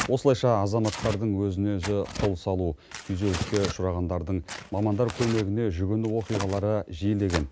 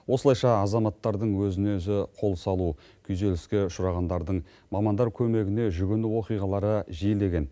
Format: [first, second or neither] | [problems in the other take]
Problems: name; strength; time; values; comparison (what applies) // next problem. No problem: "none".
second | background sound (Tearing); 12 dB below the speech